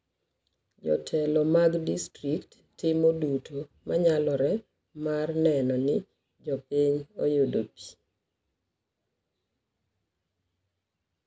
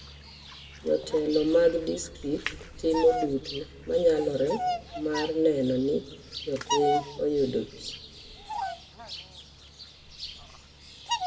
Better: first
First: none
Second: background sound (Bird vocalization, bird call, bird song); 8 dB below the speech // room echo; dies away in 1.4 s

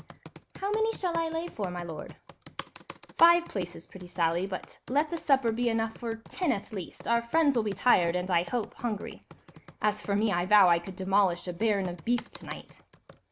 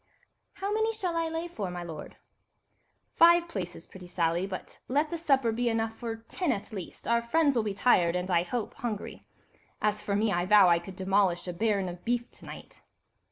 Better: second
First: background sound (Computer keyboard); 19 dB below the speech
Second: none

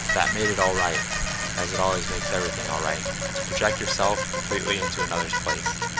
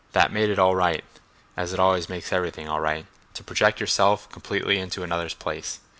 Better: second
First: background sound (Bicycle); 1 dB above the speech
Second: none

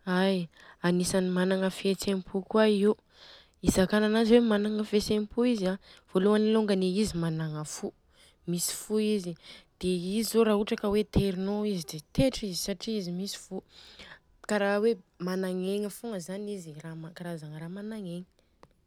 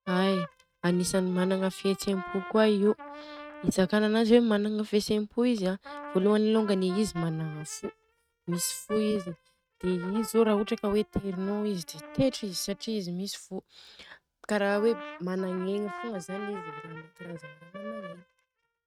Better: first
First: none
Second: noise reduction (neural mask model RNNoise)

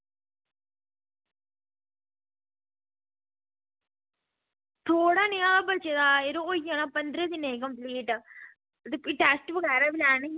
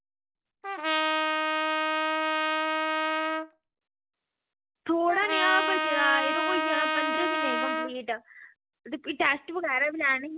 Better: first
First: none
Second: background sound (Trumpet); 3 dB above the speech

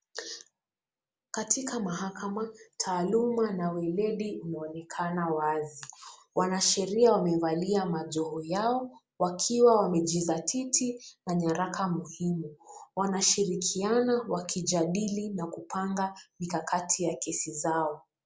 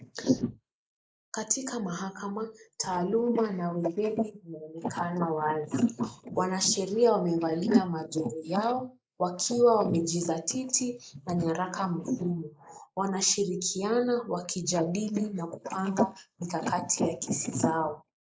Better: first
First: none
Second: noise reduction (neural mask model Resemble Enhance denoiser)

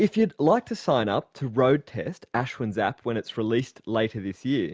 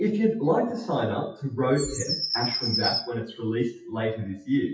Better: first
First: none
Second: noise reduction (classical method WPE with log-MMSE)

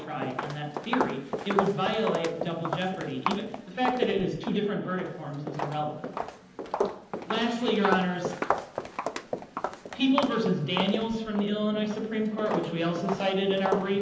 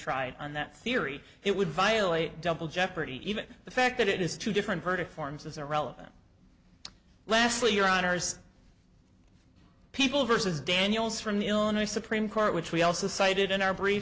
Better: second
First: background sound (Walk, footsteps); 5 dB below the speech // room echo; dies away in 0.9 s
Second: none

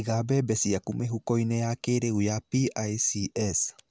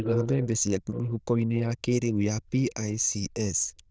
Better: first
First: none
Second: noise reduction (neural diffusion model UNIVERSE++)

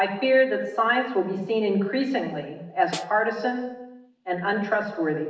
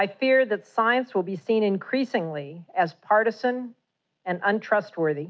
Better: second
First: background sound (Snare drum); 17 dB below the speech // room echo; dies away in 0.9 s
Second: none

